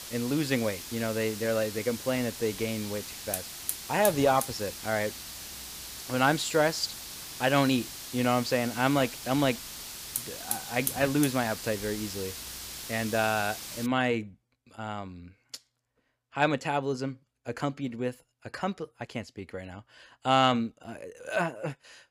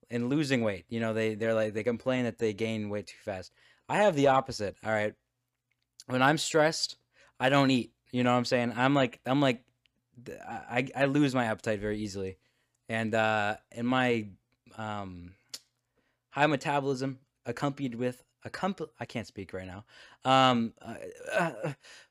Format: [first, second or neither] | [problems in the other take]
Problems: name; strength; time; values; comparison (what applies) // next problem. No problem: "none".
second | hiss; loud; until 14 s; 8 dB below the speech